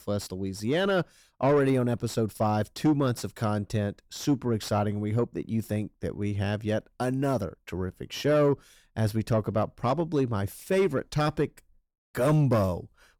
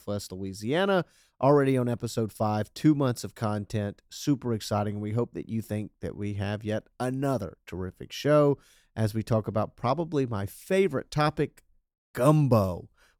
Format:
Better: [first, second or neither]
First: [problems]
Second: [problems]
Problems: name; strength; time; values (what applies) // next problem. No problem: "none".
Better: second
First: distortion; slight; 10 dB below the speech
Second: none